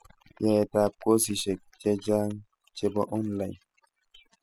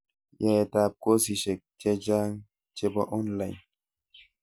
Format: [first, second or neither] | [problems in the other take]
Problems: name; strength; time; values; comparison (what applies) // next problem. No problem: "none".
second | noise reduction (classical method spectral subtraction)